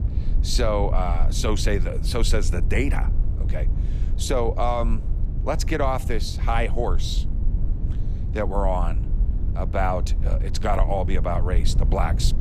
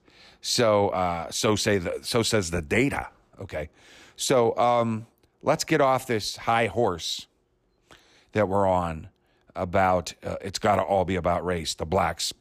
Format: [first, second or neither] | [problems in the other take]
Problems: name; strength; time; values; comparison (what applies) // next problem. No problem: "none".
second | low rumble; noticeable; throughout; 15 dB below the speech